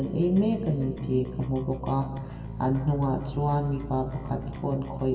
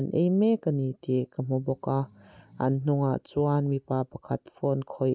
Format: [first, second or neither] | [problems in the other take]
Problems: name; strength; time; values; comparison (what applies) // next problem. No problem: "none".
second | background sound (Bass guitar); 11 dB below the speech // room echo; dies away in 2.6 s